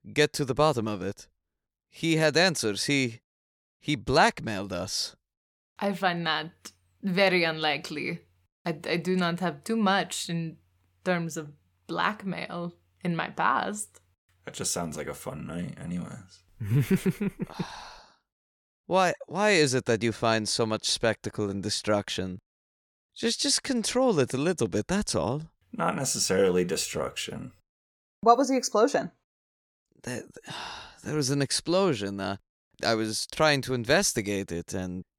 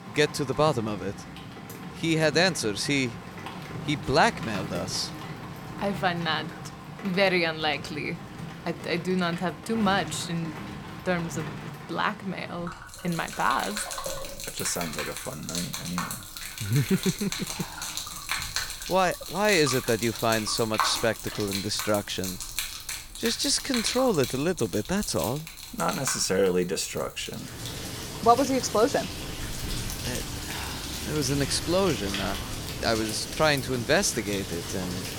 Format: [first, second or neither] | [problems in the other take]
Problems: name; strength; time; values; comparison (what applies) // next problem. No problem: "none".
first | rain or running water; loud; throughout; 7 dB below the speech